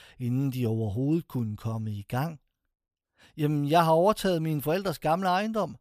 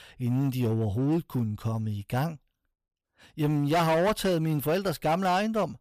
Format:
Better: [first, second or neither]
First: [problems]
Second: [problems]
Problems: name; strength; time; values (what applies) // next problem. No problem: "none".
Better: first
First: none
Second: distortion; slight; 9% of the sound clipped